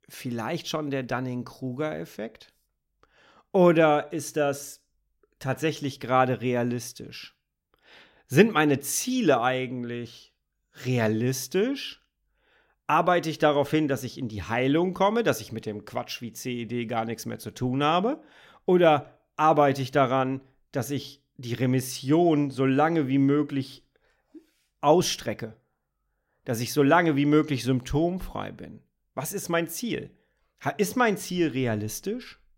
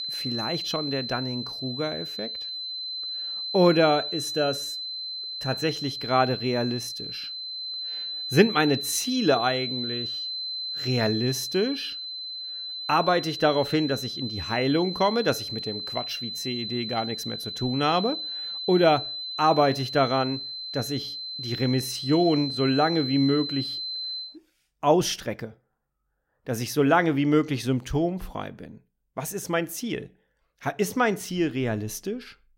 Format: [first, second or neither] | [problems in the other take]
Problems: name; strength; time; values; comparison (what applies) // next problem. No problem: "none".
first | high-pitched whine; loud; until 24 s; 4 kHz, 5 dB below the speech